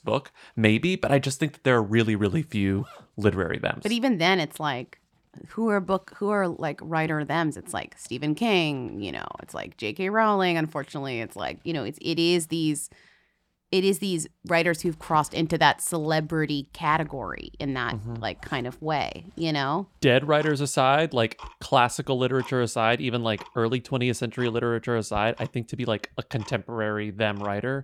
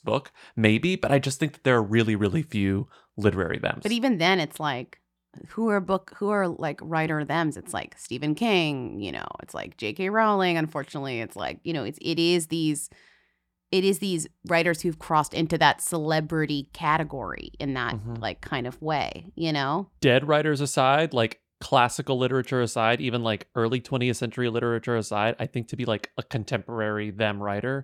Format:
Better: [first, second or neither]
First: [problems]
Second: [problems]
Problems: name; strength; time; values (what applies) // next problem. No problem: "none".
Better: second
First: household noises; faint; throughout; 25 dB below the speech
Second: none